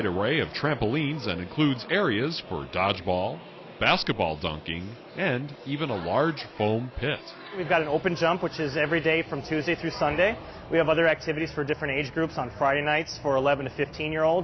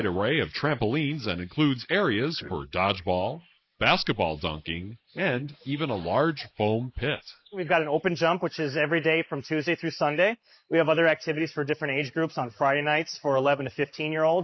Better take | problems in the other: first | noise reduction (neural mask model Resemble Enhance denoiser)

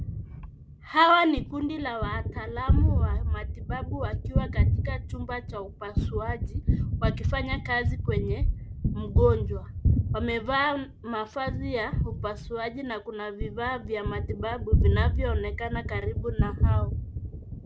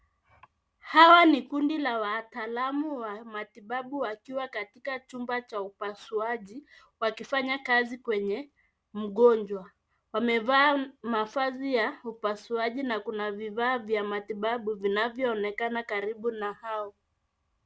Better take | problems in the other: second | background sound (Gunshot, gunfire); 3 dB above the speech

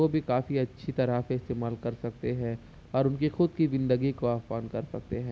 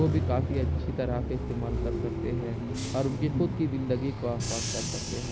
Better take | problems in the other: first | background sound (Bus / Engine); 1 dB above the speech

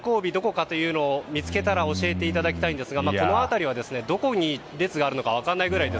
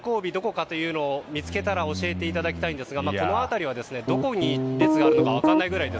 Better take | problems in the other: first | background sound (Piano); 5 dB above the speech

